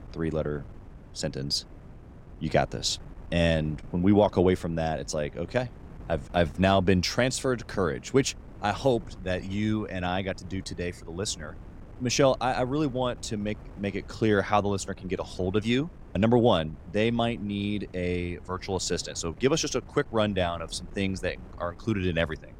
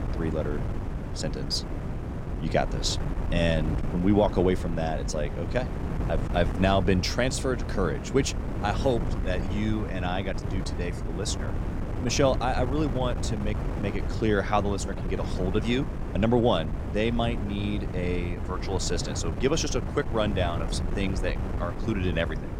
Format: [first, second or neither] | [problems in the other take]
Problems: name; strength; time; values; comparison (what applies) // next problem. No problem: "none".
first | wind noise on the microphone; heavy; 10 dB below the speech; occasional gusts in the first